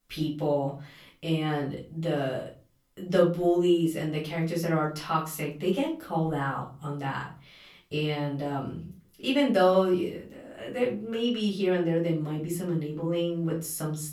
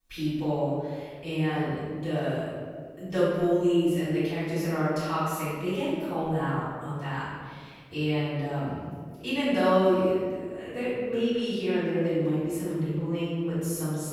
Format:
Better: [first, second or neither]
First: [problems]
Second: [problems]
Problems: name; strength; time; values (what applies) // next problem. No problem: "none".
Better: first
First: room echo; slight; dies away in 0.3 s // off-mic speech; far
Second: room echo; strong; dies away in 1.6 s // off-mic speech; far